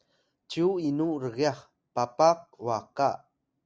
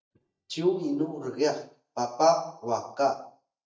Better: first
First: none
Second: noise reduction (neural mask model DeepFilterNet 3)

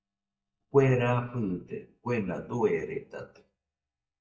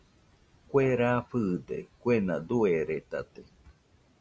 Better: second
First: noise reduction (neural mask model DeepFilterNet 3)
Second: none

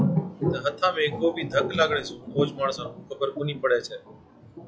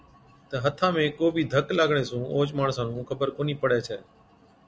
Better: second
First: noise reduction (classical method log-MMSE)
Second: none

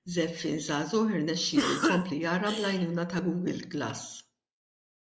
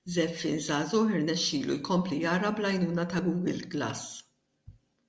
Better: second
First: noise reduction (neural mask model Resemble Enhance denoiser)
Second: none

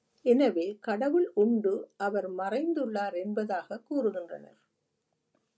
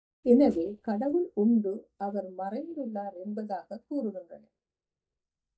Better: first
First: none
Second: noise reduction (neural mask model DeepFilterNet 3)

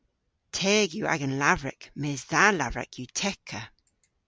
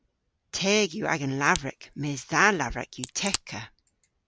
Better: first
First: none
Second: background sound (Crack); 11 dB below the speech

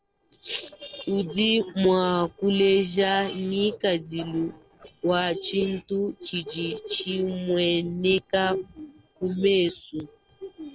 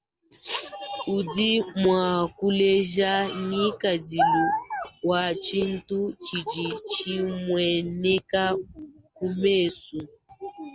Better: second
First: noise reduction (neural separator model SepFormer DNS4)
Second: none

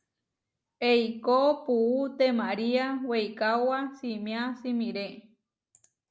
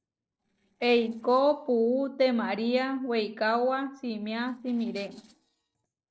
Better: first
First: none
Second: noise reduction (neural separator model SepFormer DNS4)

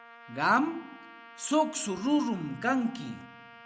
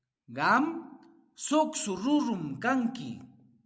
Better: second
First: background sound (Trumpet); 20 dB below the speech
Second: none

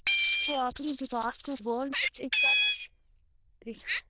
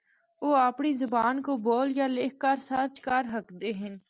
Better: second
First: noise reduction (neural diffusion model UNIVERSE++)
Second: none

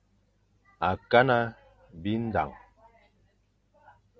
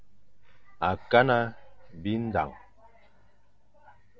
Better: first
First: none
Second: background sound (Breathing); 17 dB below the speech

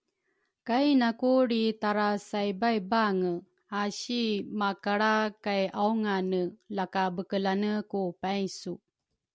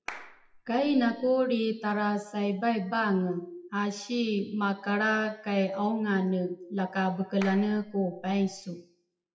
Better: first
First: none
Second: noise reduction (classical method WPE with log-MMSE)

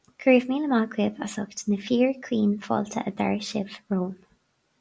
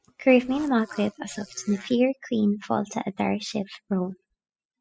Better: first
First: none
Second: noise reduction (classical method spectral subtraction)

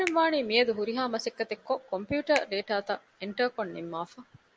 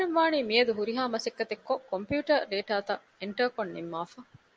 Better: second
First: background sound (Finger snapping); 16 dB below the speech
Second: none

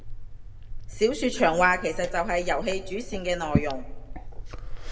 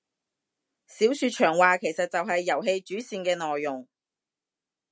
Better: second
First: background sound (Liquid); 4 dB below the speech // room echo; dies away in 0.8 s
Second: none

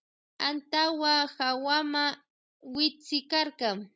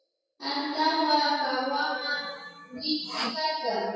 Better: first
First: none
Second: noise reduction (classical method WPE with log-MMSE)

